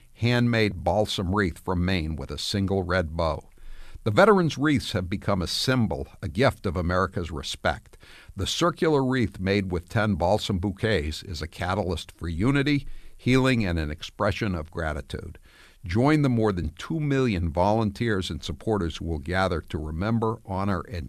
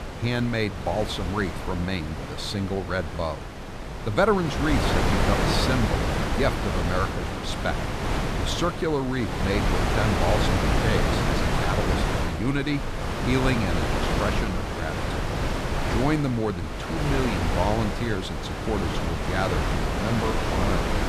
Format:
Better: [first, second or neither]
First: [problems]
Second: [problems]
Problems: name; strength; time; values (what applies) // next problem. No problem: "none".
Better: first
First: none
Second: wind noise on the microphone; heavy; 1 dB above the speech